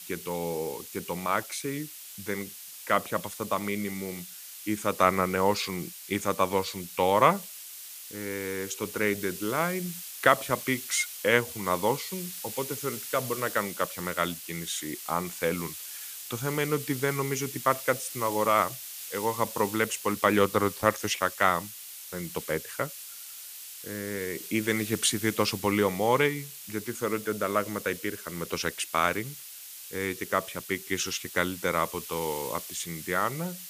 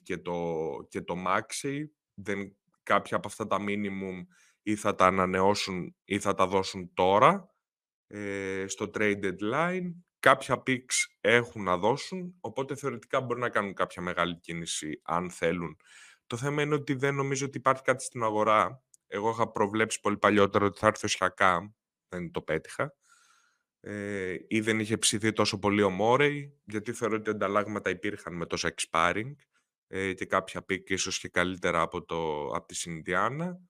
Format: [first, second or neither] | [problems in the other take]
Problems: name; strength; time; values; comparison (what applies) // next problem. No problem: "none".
second | hiss; loud; throughout; 10 dB below the speech